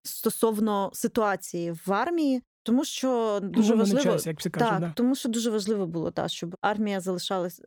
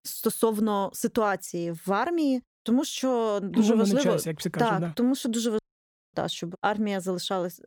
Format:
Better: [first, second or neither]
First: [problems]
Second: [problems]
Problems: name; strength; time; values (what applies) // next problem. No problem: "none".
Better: first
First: none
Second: audio cutting out; at 5.5 s for 0.5 s